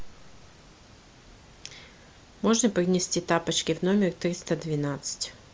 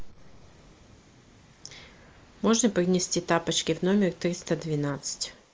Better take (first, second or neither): first